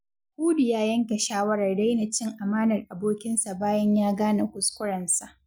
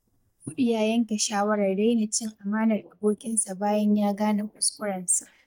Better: first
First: none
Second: noise reduction (neural mask model DeepFilterNet 3)

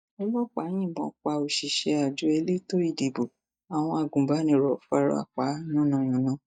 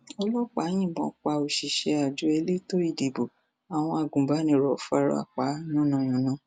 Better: second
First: noise reduction (neural mask model DeepFilterNet 3)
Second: none

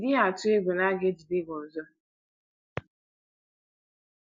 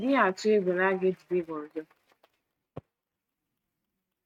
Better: first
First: none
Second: noise reduction (neural mask model RNNoise)

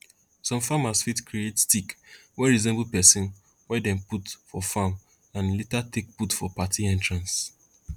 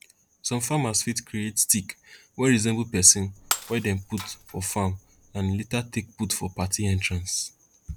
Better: first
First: none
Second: background sound (Shatter); 10 dB below the speech

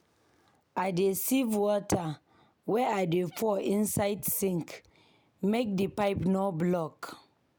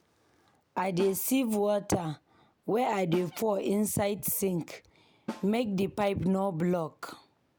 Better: first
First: none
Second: background sound (Snare drum); 17 dB below the speech

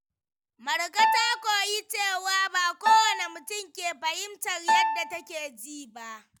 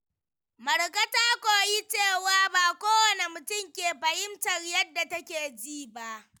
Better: second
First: background sound (Piano); 1 dB above the speech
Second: none

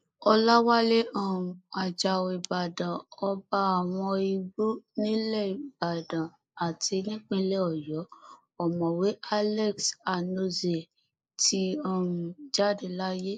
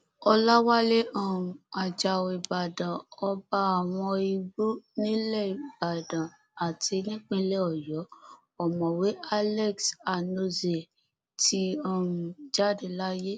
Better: second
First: noise reduction (neural mask model Resemble Enhance denoiser)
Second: none

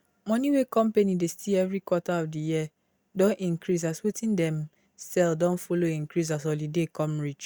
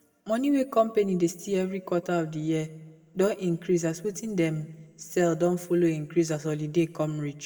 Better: first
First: none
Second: room echo; dies away in 0.8 s

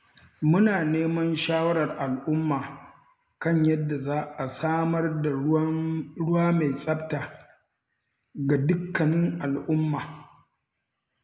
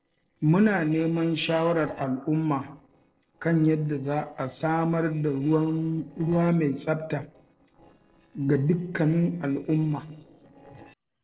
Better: first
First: none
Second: noise reduction (neural separator model SepFormer DNS4)

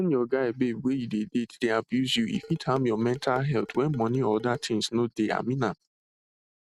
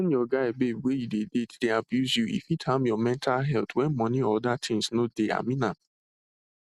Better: second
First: background sound (Dishes, pots, and pans); 19 dB below the speech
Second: none

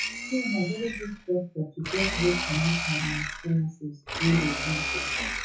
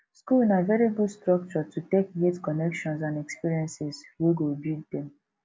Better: second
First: noise reduction (classical method WPE with log-MMSE)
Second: none

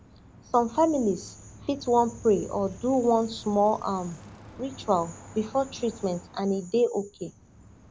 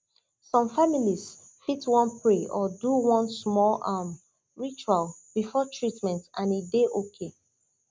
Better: second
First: background sound (Bicycle); 20 dB below the speech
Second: none

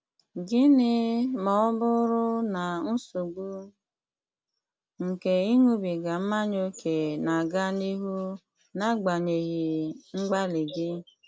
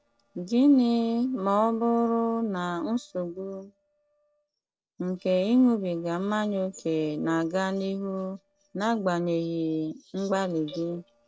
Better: first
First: none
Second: noise reduction (neural separator model SepFormer DNS4)

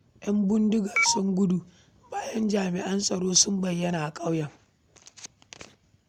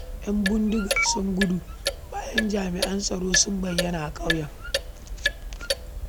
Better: first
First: none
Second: background sound (Clock); 3 dB below the speech

